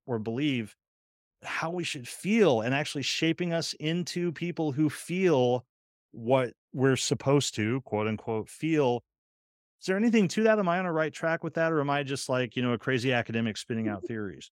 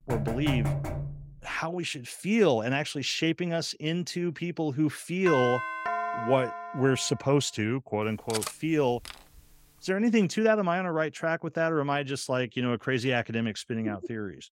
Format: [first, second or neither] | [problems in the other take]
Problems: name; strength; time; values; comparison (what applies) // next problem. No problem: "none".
first | door banging; noticeable; until 1.5 s; peak 1 dB below the speech // doorbell; noticeable; from 5.5 to 7 s; peak 2 dB below the speech // clattering dishes; noticeable; at 8.5 s; peak 6 dB below the speech